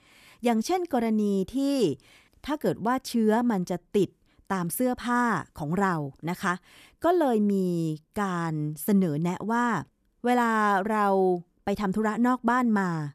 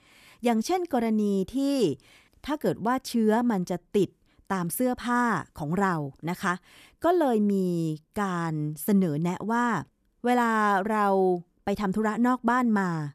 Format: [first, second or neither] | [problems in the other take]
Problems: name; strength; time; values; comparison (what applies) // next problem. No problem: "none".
neither | none